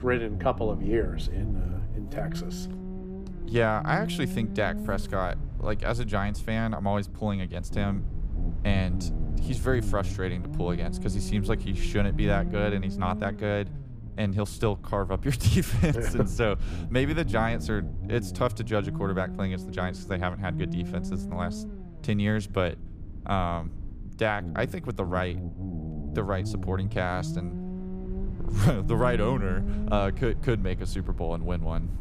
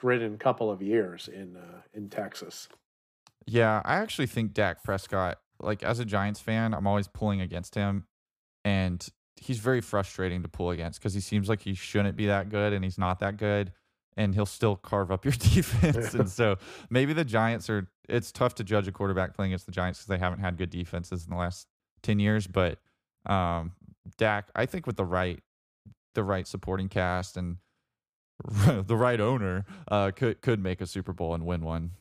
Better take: second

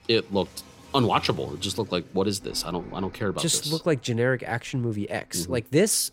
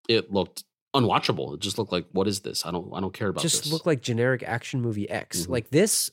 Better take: second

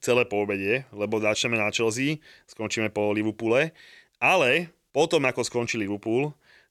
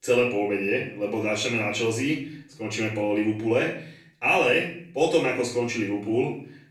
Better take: first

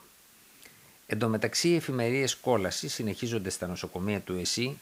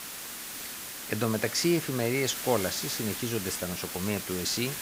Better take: first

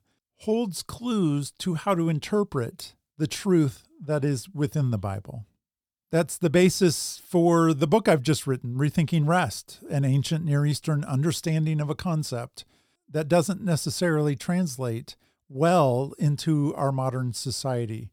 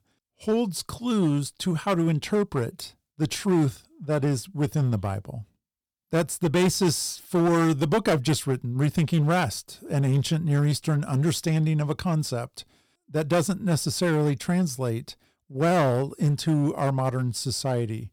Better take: first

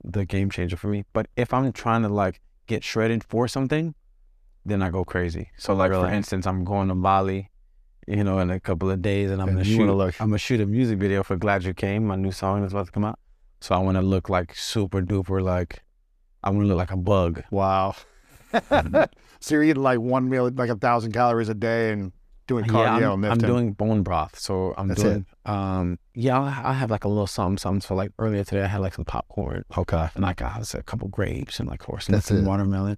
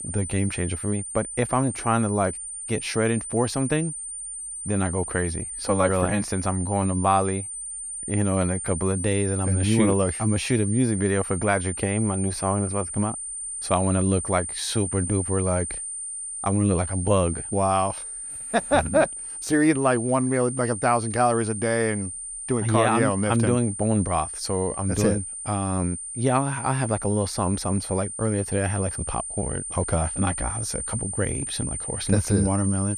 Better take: first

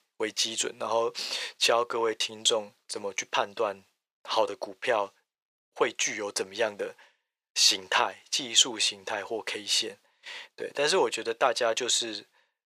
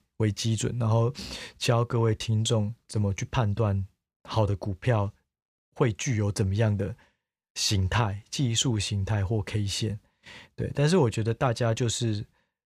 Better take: second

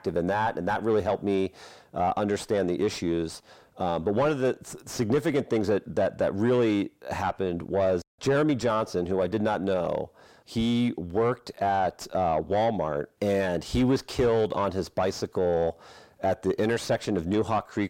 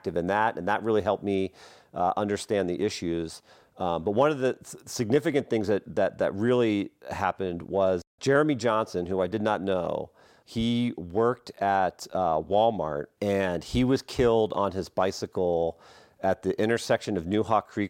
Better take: second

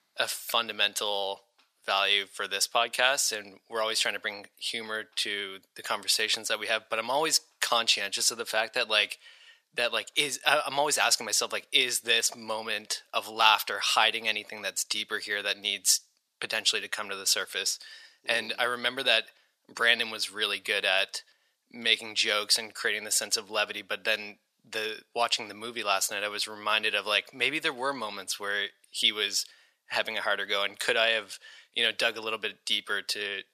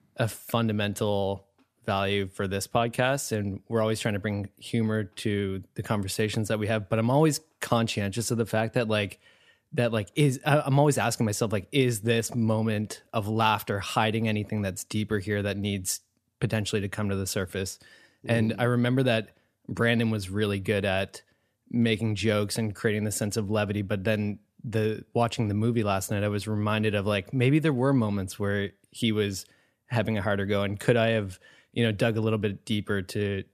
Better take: second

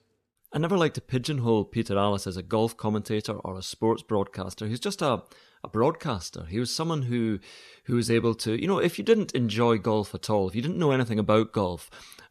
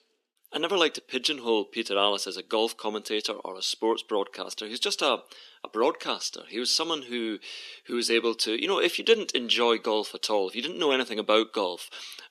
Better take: first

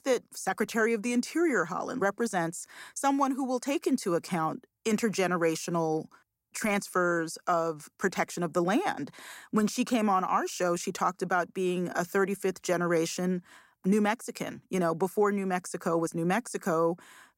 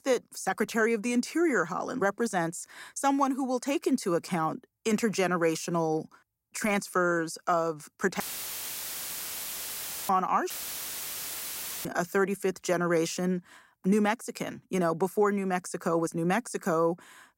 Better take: first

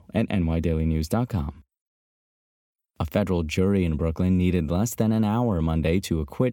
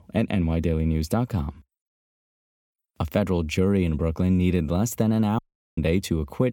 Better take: first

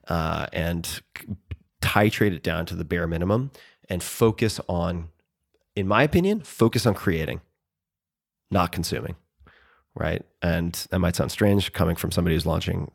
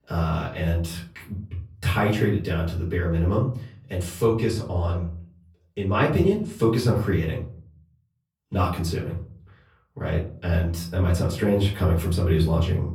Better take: first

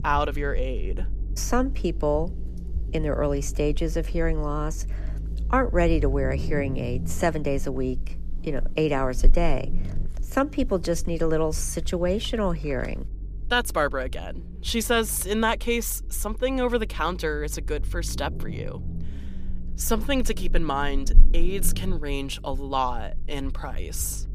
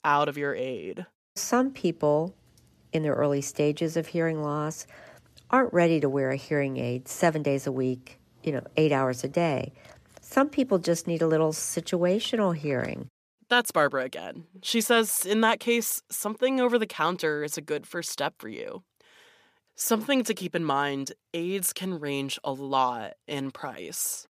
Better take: second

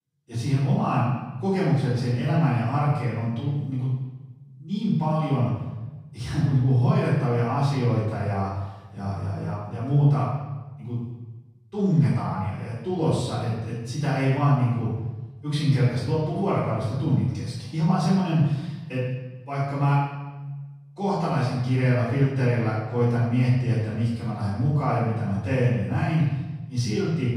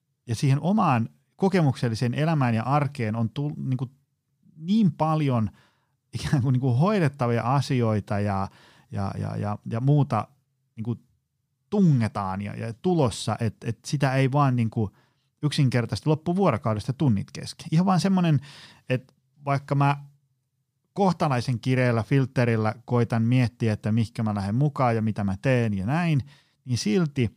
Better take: second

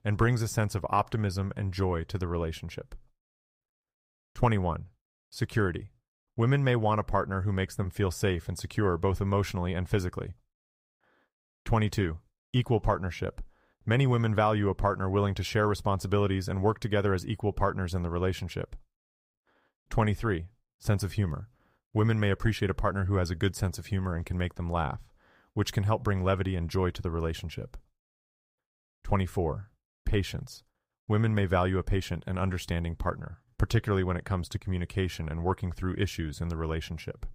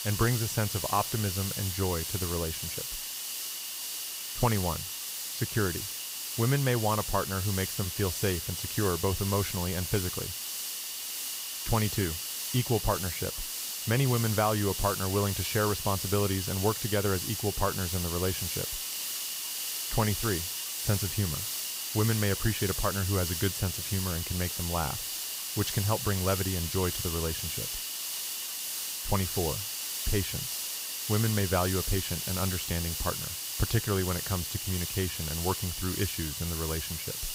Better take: first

